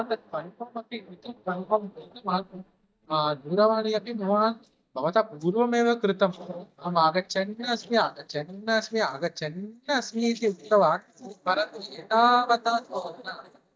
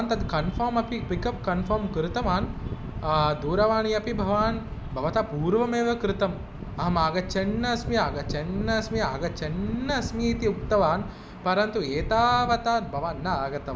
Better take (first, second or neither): second